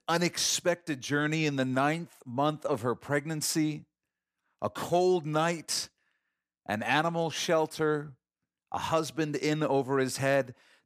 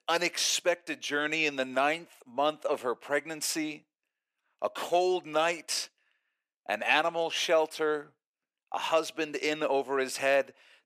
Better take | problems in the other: first | thin; somewhat; fading below 450 Hz

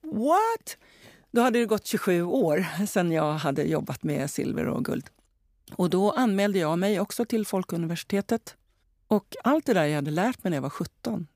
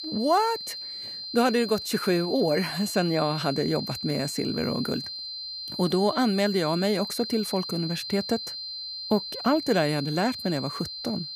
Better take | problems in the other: first | high-pitched whine; loud; throughout; 4 kHz, 7 dB below the speech

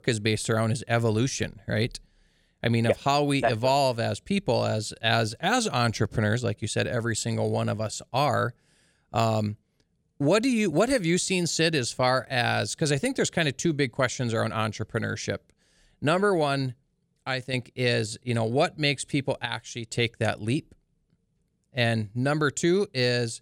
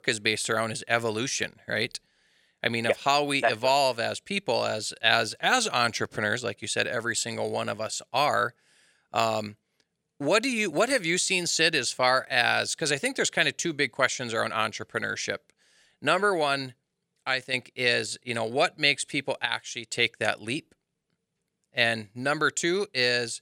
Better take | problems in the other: first | thin; somewhat; fading below 1 kHz

